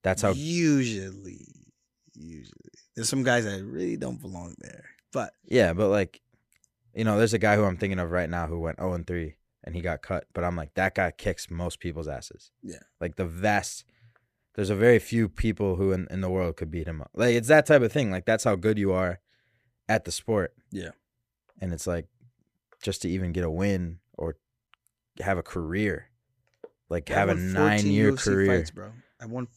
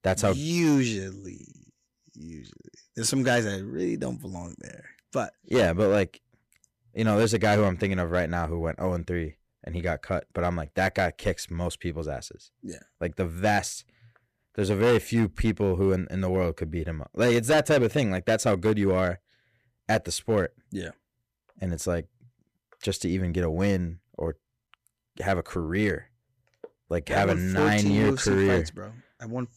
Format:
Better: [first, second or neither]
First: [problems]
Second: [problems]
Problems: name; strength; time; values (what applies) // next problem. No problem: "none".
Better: first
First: none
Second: distortion; slight; 3% of the sound clipped